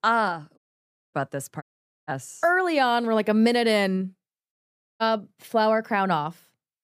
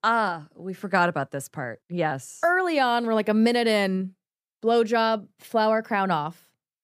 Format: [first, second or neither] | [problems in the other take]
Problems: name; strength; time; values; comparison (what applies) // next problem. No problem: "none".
second | audio cutting out; at 0.5 s for 0.5 s, at 1.5 s and at 4.5 s